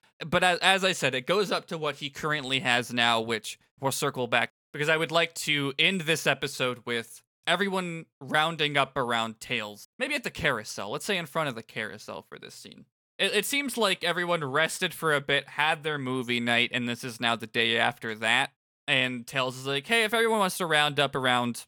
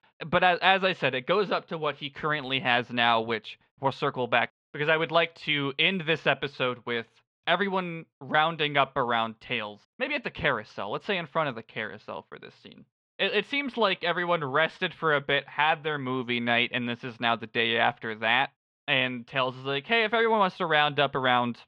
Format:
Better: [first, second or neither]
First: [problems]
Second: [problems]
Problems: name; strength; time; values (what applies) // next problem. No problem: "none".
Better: first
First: none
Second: muffled; slightly; fading above 3.5 kHz